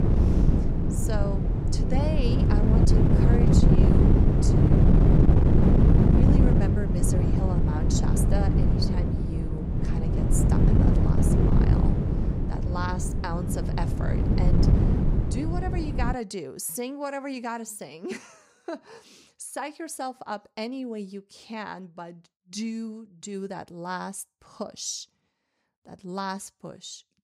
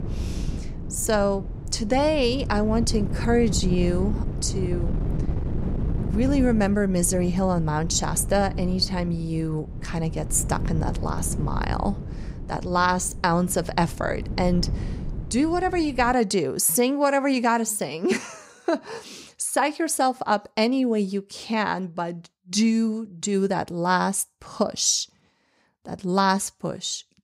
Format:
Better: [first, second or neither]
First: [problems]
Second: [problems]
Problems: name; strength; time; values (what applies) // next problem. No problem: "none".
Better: second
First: wind noise on the microphone; heavy; until 16 s; 4 dB above the speech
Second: wind noise on the microphone; occasional gusts; until 16 s; 15 dB below the speech